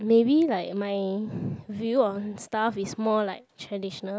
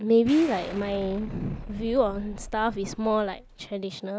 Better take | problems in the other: first | background sound (Explosion); 14 dB below the speech

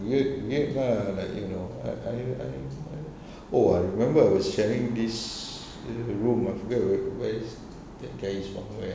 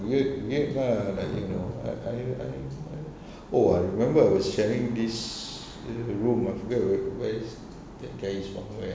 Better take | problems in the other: first | background sound (Thunder); 18 dB below the speech

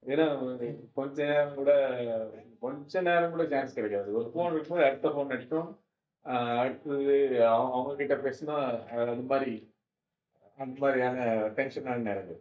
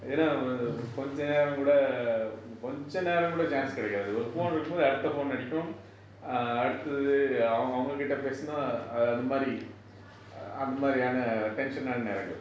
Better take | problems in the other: second | noise reduction (neural mask model DeepFilterNet 3)

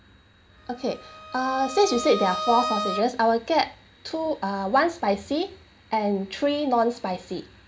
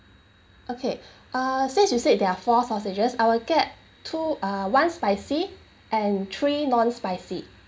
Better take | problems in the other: second | background sound (Bowed string instrument); 8 dB below the speech

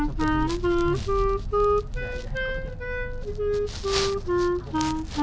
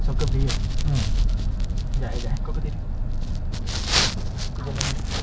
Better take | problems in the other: second | background sound (Wind instrument, woodwind instrument); 4 dB above the speech

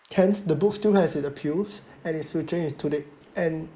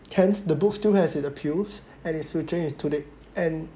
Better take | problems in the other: second | noise reduction (neural mask model Resemble Enhance denoiser)

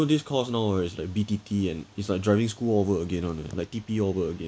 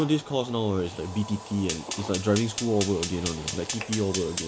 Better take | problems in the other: first | background sound (Fire); 9 dB below the speech

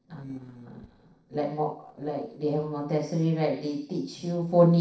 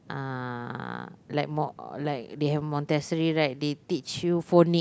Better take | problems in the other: second | noise reduction (neural separator model SepFormer DNS4)

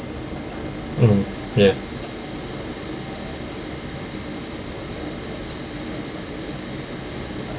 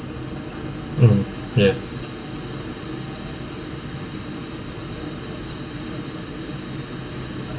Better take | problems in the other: first | room echo; dies away in 1.1 s

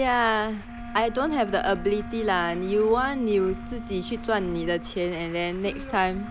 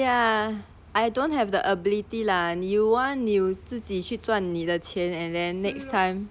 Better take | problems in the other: second | background sound (Truck + Wind instrument, woodwind instrument); 12 dB below the speech

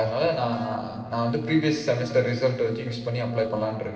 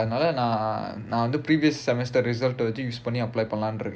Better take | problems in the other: second | noise reduction (neural separator model SepFormer DNS4)

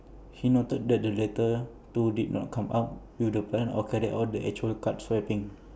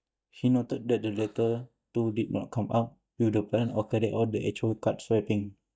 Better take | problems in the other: first | noise reduction (neural mask model DeepFilterNet 3)

